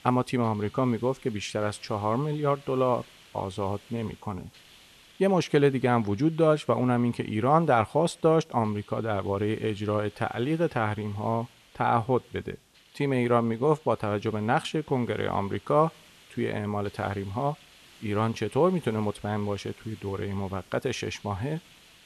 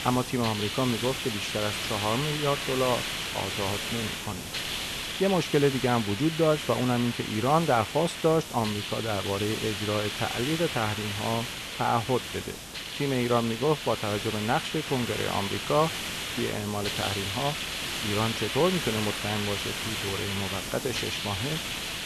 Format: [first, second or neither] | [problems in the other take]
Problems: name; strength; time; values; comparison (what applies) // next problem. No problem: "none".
first | hiss; loud; throughout; 3 dB below the speech; faint in the first